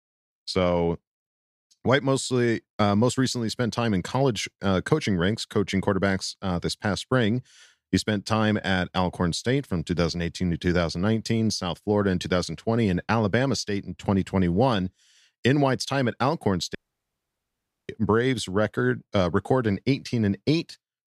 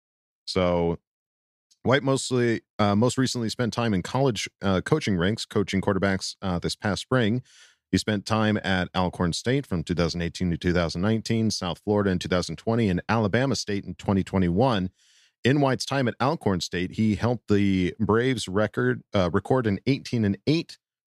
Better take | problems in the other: second | audio cutting out; at 17 s for 1 s

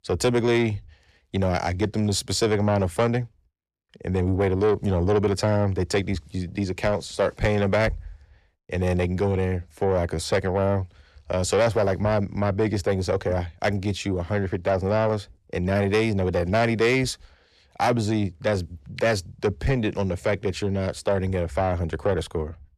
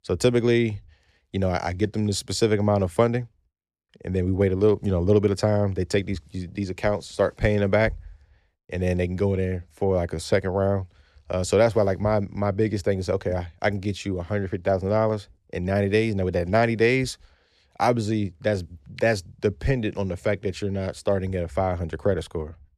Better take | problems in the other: second | distortion; slight; 10 dB below the speech

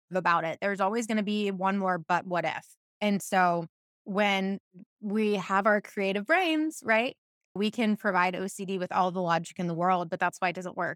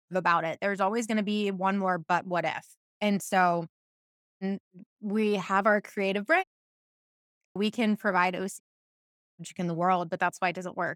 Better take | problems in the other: first | audio cutting out; at 4 s for 0.5 s, at 6.5 s for 1 s and at 8.5 s for 1 s

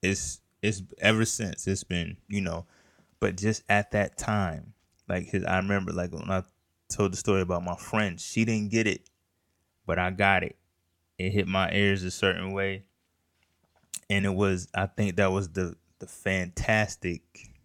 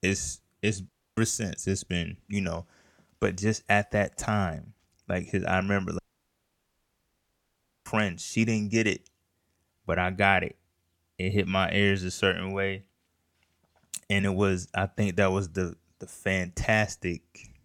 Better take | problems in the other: first | audio cutting out; at 1 s and at 6 s for 2 s

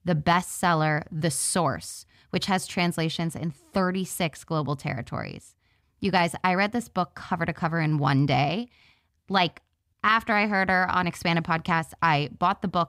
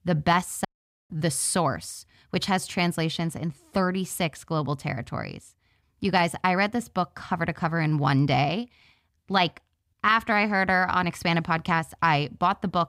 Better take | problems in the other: first | audio cutting out; at 0.5 s

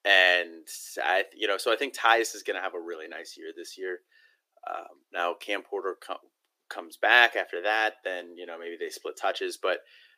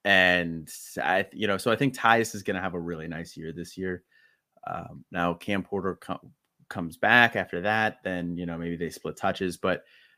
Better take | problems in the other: second | thin; very; fading below 350 Hz

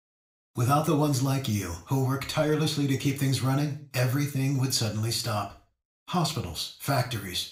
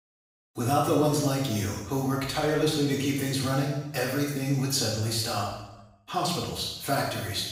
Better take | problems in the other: first | room echo; strong; dies away in 0.8 s; slight in the first // off-mic speech; far; somewhat distant in the first

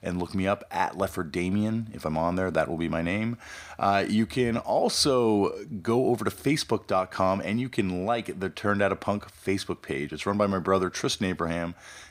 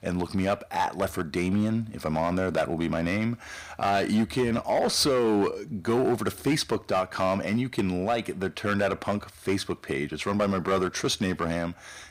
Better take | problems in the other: first | distortion; slight; 6% of the sound clipped

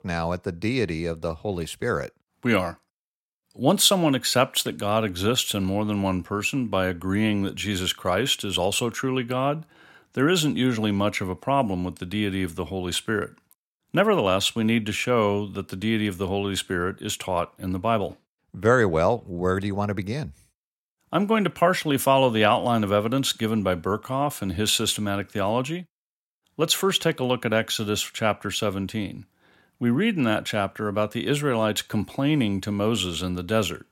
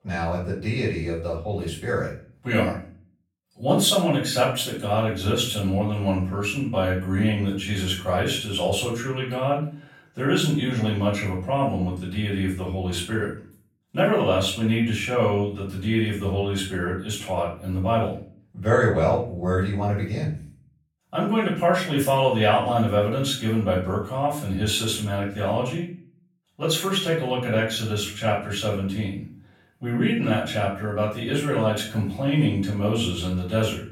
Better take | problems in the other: first | off-mic speech; far // room echo; noticeable; dies away in 0.4 s

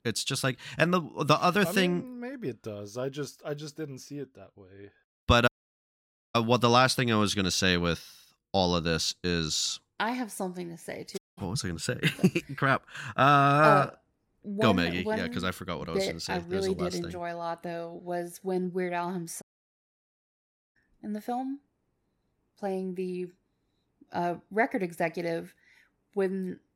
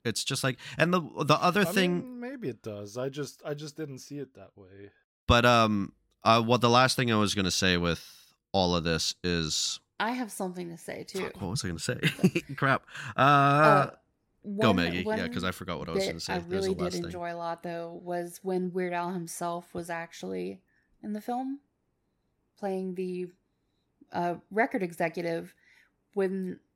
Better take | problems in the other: second | audio cutting out; at 5.5 s for 1 s, at 11 s and at 19 s for 1.5 s

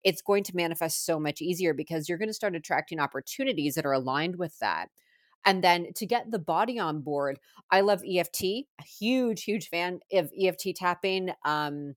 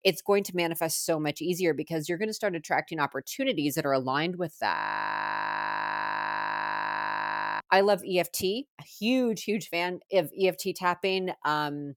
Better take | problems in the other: first | audio freezing; at 5 s for 3 s

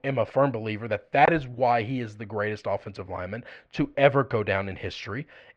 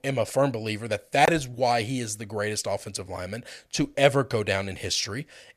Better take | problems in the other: second | muffled; very; fading above 2.5 kHz

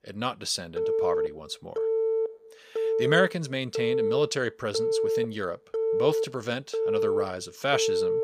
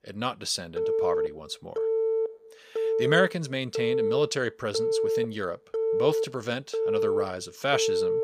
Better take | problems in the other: neither | phone ringing; loud; from 1 s on; peak 4 dB above the speech; the same in both

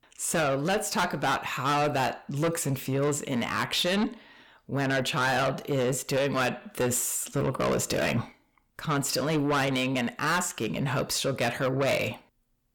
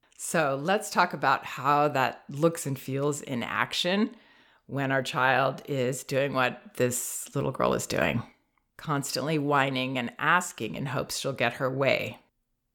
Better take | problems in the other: second | distortion; heavy; 6 dB below the speech

